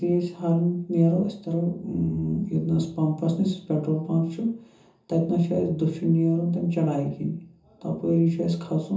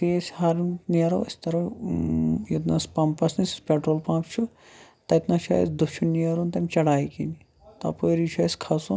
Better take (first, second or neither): second